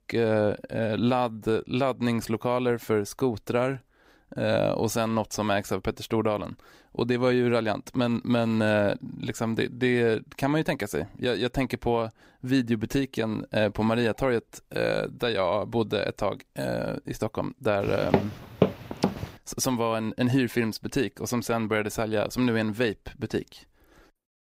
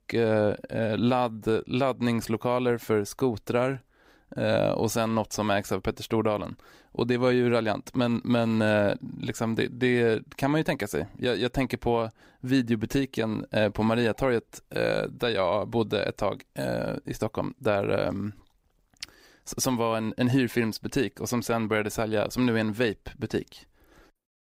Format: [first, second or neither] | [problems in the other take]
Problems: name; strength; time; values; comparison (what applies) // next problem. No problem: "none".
second | footsteps; loud; from 18 to 19 s; peak 1 dB above the speech